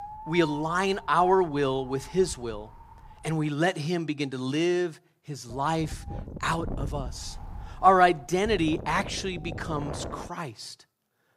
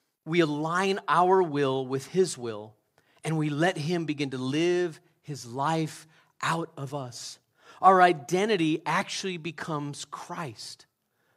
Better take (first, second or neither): second